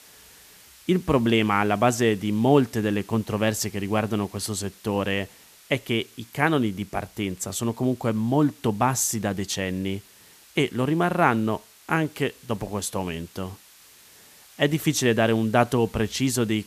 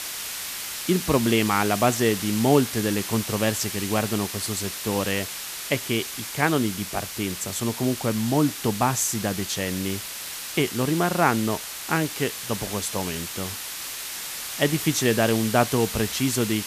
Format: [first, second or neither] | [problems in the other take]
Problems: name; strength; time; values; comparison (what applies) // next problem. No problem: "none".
first | hiss; loud; throughout; 6 dB below the speech; faint in the first